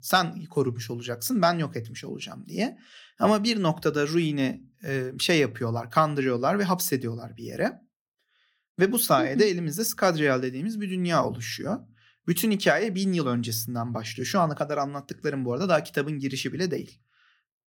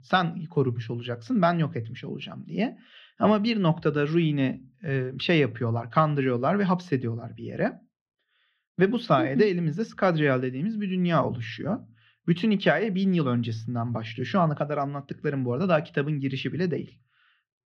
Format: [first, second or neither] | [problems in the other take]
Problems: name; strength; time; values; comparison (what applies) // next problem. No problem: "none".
first | muffled; slightly; fading above 3.5 kHz